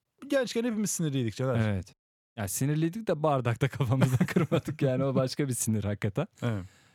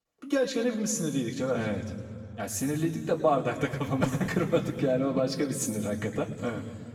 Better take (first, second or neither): first